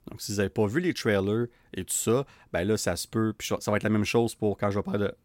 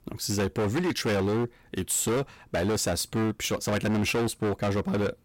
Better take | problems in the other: first | distortion; heavy; 22% of the sound clipped

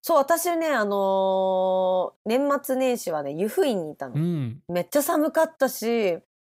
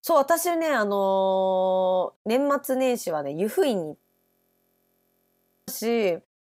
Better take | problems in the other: first | audio freezing; at 4 s for 1.5 s

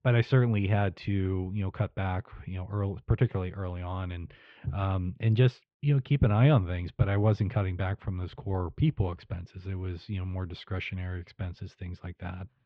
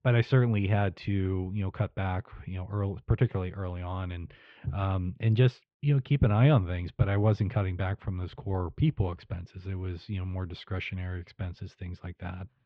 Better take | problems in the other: neither | muffled; very; fading above 3 kHz; the same in both

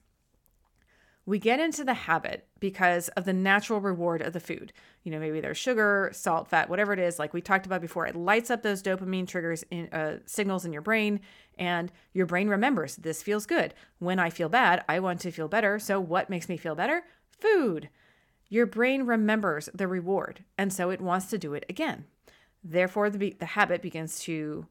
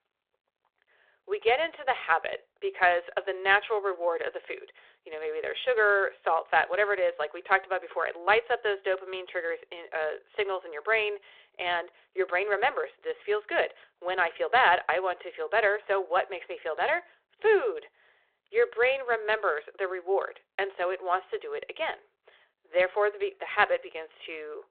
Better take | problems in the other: first | phone-call audio

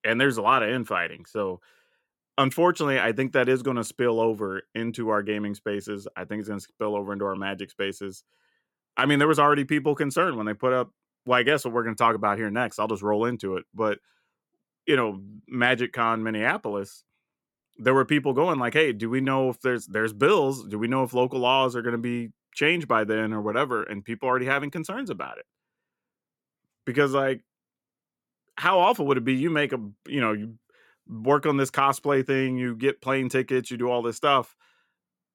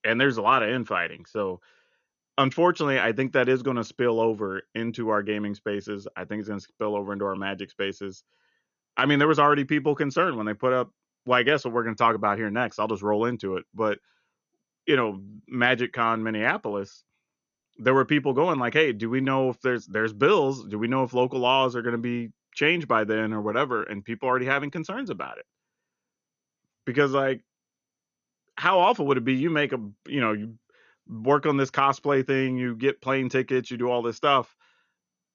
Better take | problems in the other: first | garbled, watery; slightly; nothing above 6.5 kHz

